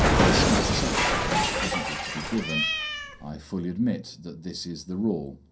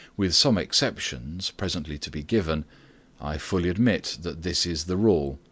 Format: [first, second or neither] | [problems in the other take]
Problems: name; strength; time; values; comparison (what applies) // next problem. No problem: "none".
second | background sound (Cat); 5 dB above the speech // room echo; dies away in 0.3 s